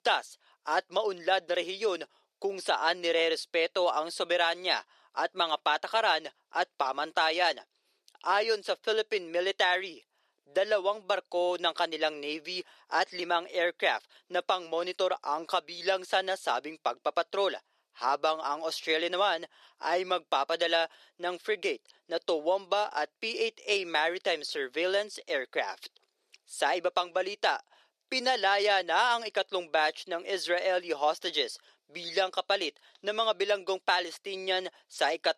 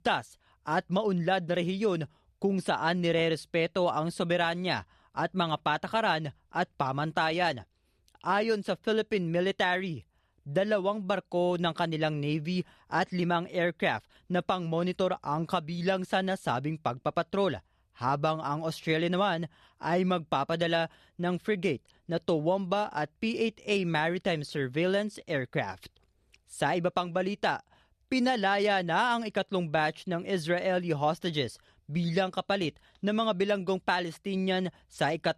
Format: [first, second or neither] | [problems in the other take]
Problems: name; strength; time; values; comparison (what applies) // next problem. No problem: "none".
second | thin; very; fading below 400 Hz